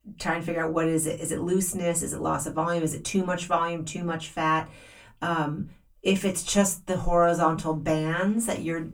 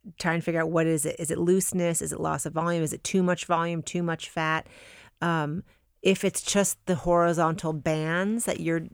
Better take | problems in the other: second | off-mic speech; far // room echo; very slight; dies away in 0.2 s

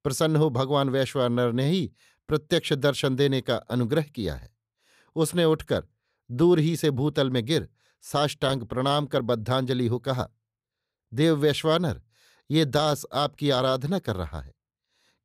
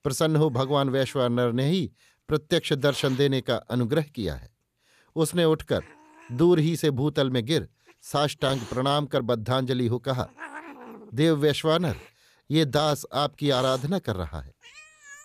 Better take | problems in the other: first | hiss; faint; throughout; 20 dB below the speech

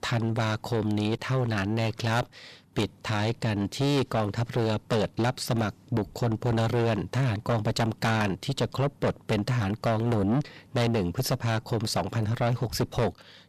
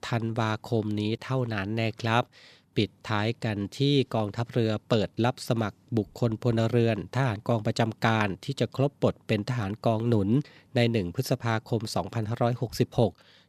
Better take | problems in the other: second | distortion; heavy; 5 dB below the speech

